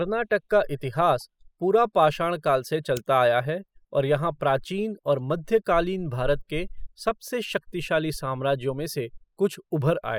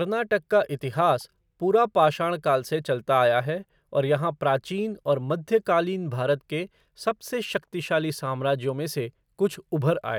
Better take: second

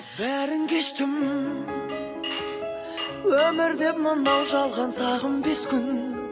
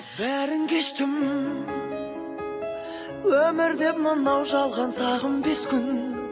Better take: second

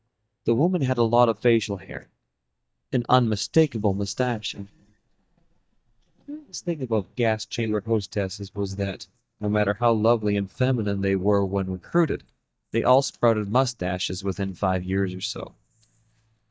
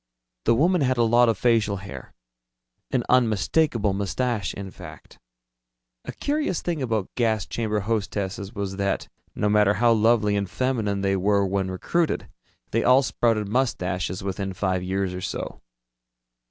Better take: second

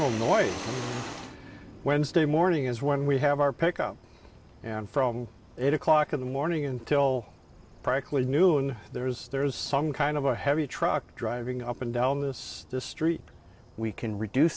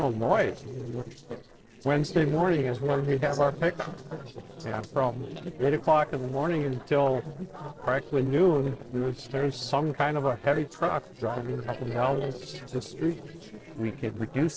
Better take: first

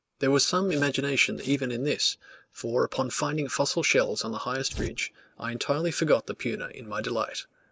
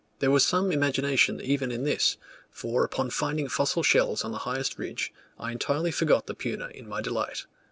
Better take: second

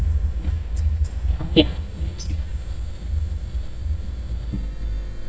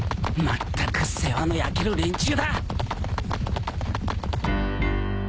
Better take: second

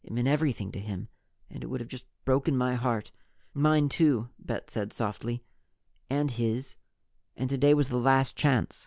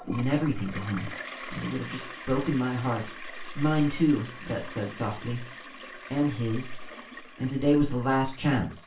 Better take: first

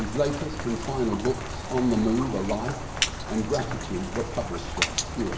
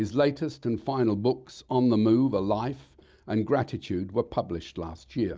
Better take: second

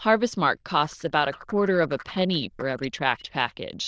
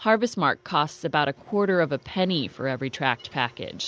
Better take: second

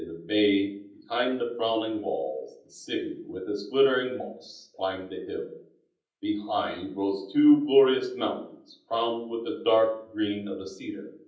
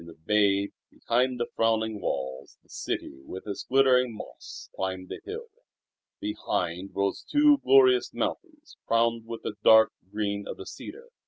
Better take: second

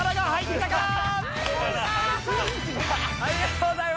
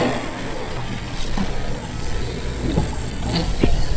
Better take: first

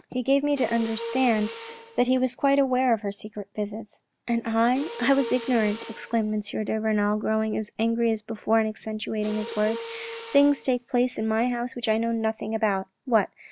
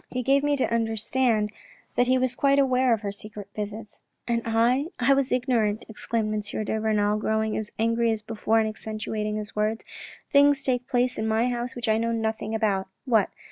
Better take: second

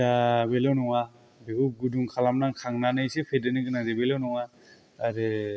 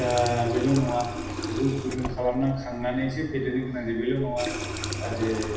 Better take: first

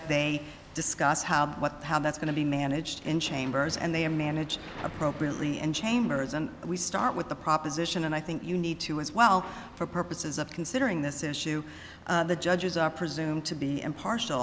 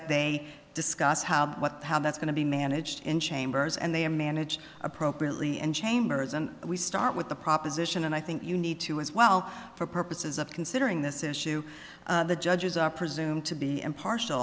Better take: second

